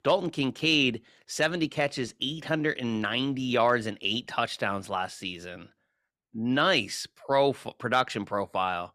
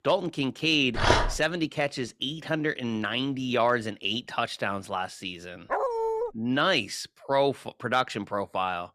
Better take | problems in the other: first | dog barking; loud; at 1 s and at 5.5 s; peak 4 dB above the speech

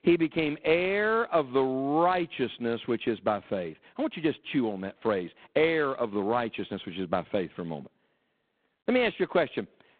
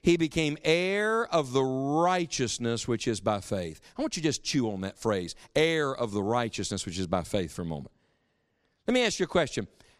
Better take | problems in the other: second | phone-call audio; poor line; nothing above 4 kHz

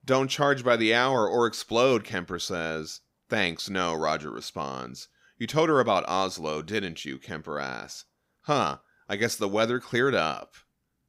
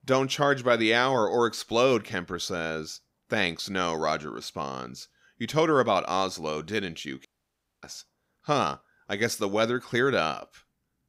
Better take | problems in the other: first | audio cutting out; at 7.5 s for 0.5 s

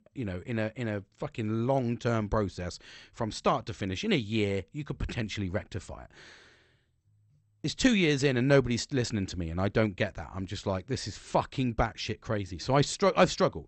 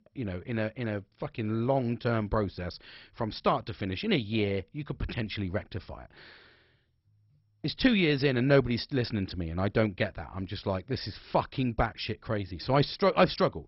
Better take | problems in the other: first | garbled, watery; badly; nothing above 5.5 kHz; slightly in the first

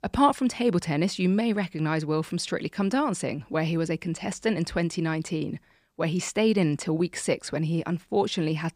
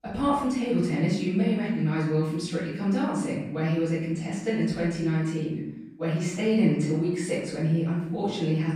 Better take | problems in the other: first | off-mic speech; far // room echo; noticeable; dies away in 0.8 s

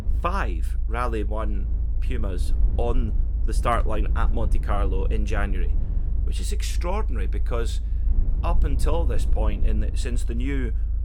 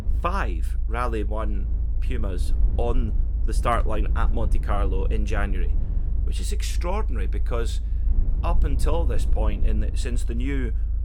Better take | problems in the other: neither | low rumble; noticeable; throughout; 15 dB below the speech; the same in both

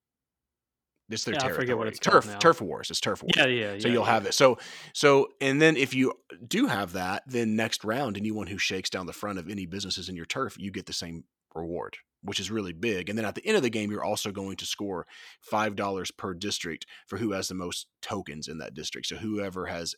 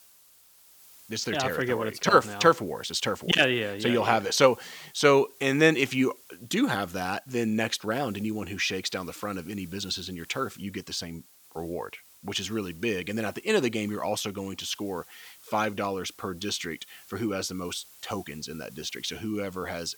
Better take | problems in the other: first | hiss; faint; throughout; 25 dB below the speech

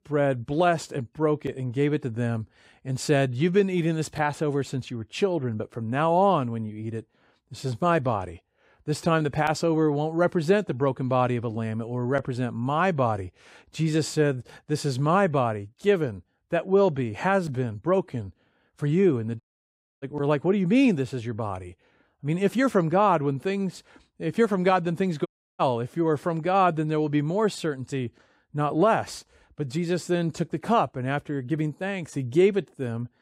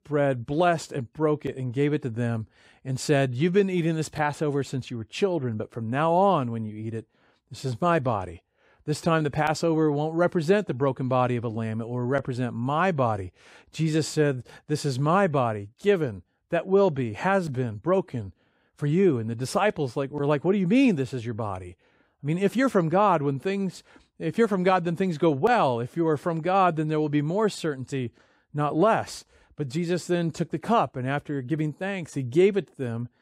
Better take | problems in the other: second | audio cutting out; at 19 s for 0.5 s and at 25 s

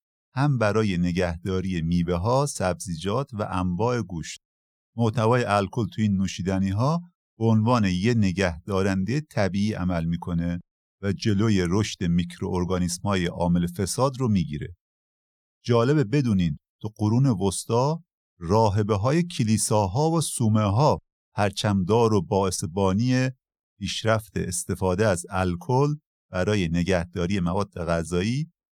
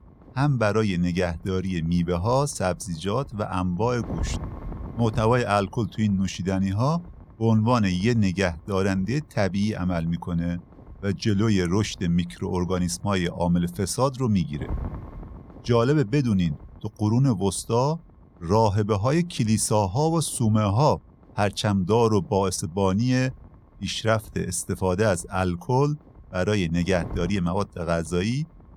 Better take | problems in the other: first | wind noise on the microphone; occasional gusts; 25 dB below the speech

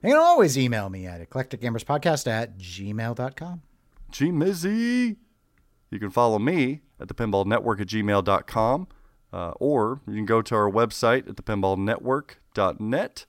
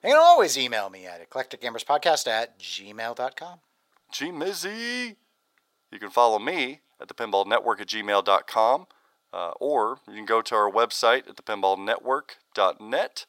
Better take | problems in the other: first | thin; very; fading below 600 Hz

